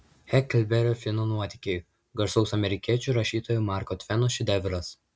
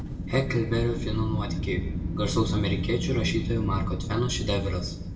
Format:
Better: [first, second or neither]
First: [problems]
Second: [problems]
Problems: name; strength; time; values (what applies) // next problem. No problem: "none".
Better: first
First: none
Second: background sound (Wind); 2 dB below the speech // room echo; dies away in 0.6 s